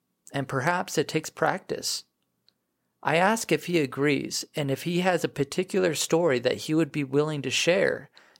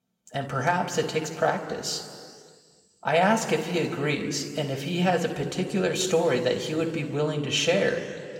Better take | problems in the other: first | room echo; noticeable; dies away in 2.1 s // off-mic speech; somewhat distant

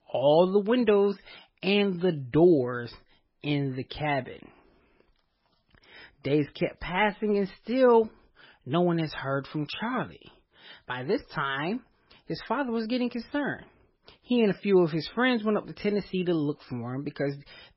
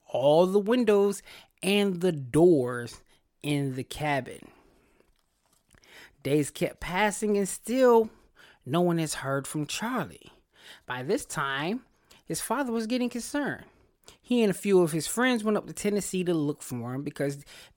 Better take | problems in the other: second | garbled, watery; badly; nothing above 5.5 kHz

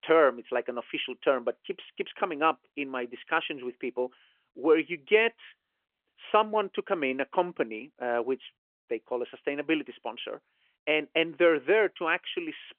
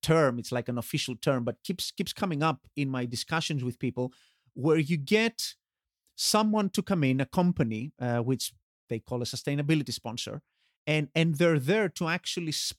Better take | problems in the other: second | phone-call audio; nothing above 3 kHz

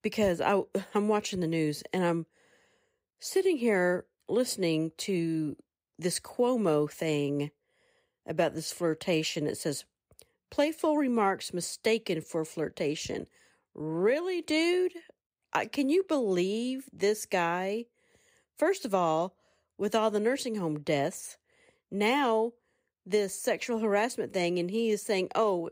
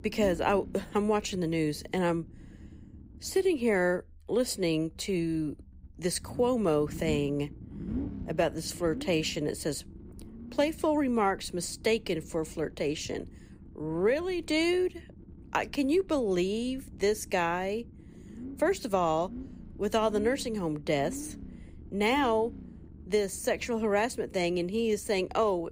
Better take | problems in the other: first | low rumble; faint; throughout; 20 dB below the speech

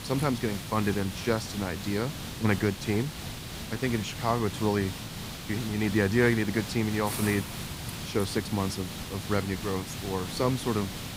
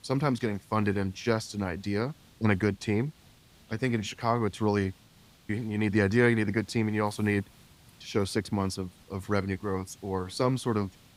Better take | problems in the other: second | hiss; loud; throughout; 7 dB below the speech; faint in the second

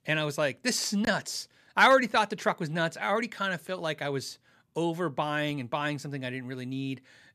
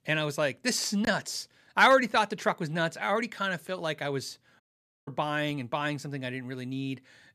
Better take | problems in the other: first | audio cutting out; at 4.5 s

